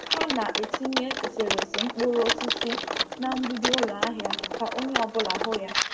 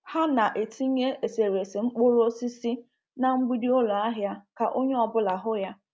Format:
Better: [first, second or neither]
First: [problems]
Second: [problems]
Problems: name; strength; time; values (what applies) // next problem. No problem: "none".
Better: second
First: background sound (Typing); 1 dB above the speech // room echo; dies away in 0.8 s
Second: none